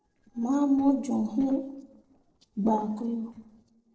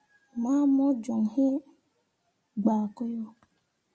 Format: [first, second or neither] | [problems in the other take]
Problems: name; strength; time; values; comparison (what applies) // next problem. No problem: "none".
second | noise reduction (neural separator model SepFormer DNS4)